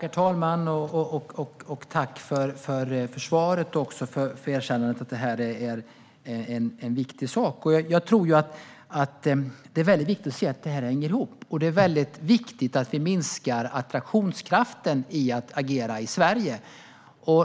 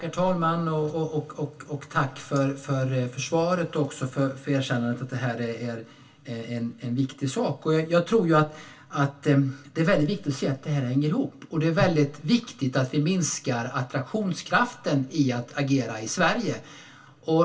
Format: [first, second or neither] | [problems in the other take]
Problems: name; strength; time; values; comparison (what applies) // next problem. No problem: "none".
first | room echo; dies away in 0.2 s